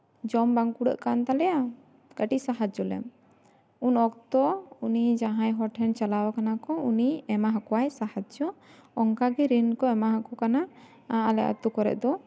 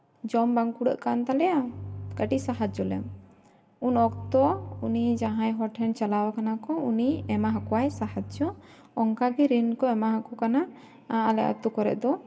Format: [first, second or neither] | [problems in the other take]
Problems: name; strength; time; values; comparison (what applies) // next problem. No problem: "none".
first | background sound (Bowed string instrument); 12 dB below the speech // room echo; dies away in 0.3 s